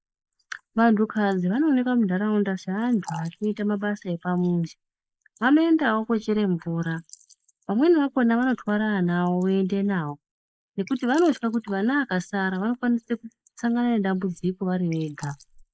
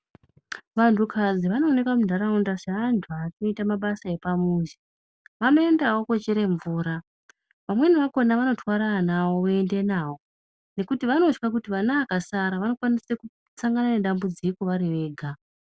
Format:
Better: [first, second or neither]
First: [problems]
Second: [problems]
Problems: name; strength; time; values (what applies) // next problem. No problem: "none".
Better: second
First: noise reduction (neural mask model Resemble Enhance denoiser)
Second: none